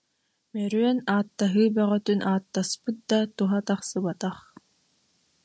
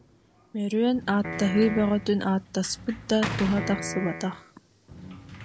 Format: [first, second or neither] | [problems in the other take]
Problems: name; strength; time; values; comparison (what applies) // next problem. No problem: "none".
first | background sound (Piano + Sliding door / Slam); 10 dB below the speech